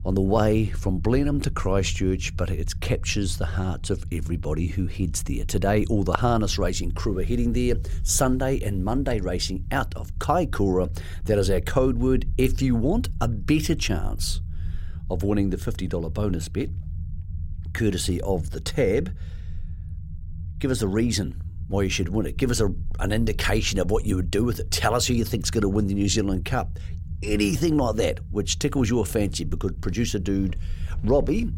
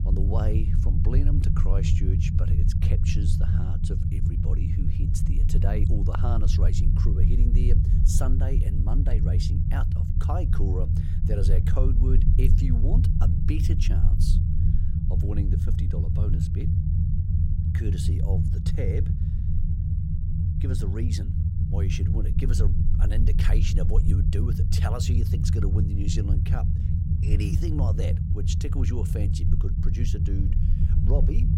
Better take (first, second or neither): first